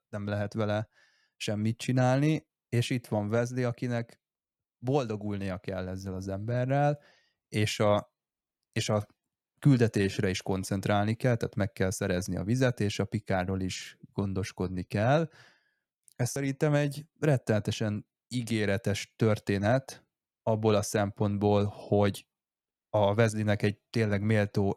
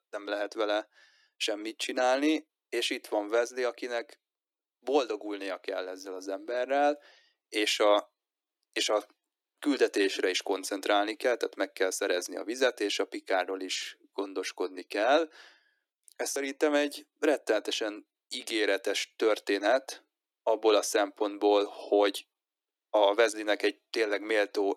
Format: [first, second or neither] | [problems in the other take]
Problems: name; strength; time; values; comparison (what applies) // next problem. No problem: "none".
first | thin; very; fading below 300 Hz